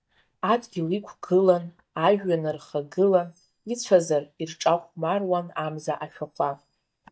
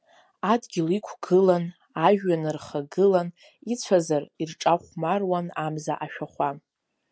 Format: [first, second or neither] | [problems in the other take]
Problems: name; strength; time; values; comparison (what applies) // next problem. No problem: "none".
second | noise reduction (neural mask model DeepFilterNet 3)